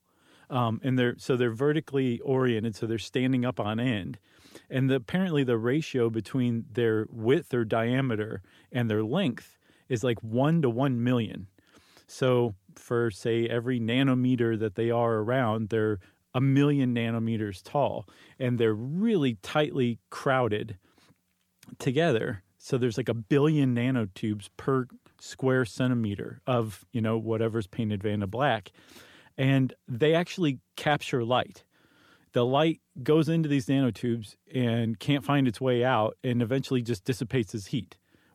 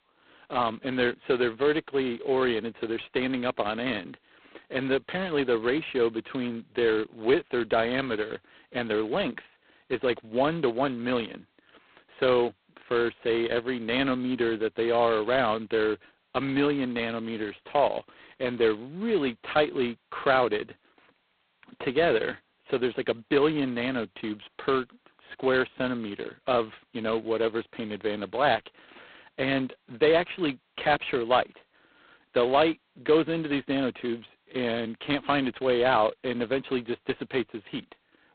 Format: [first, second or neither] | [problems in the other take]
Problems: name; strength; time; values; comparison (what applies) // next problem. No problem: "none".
first | phone-call audio; poor line; nothing above 4 kHz